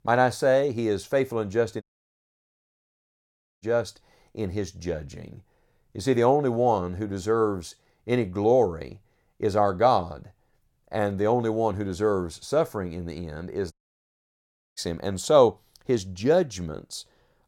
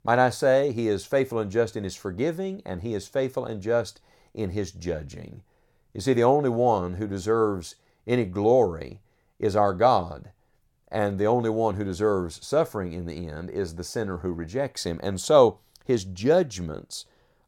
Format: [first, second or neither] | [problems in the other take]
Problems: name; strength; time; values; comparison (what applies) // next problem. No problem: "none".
second | audio cutting out; at 2 s for 2 s and at 14 s for 1 s